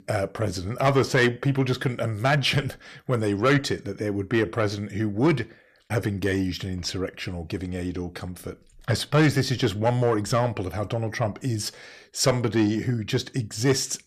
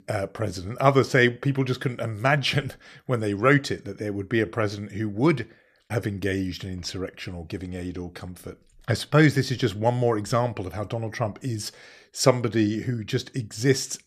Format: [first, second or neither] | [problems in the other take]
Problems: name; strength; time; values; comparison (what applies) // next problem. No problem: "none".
second | distortion; slight; 10 dB below the speech